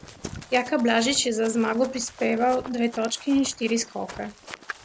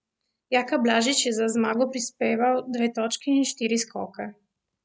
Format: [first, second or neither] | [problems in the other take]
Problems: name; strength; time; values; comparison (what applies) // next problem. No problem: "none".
second | background sound (Run); 17 dB below the speech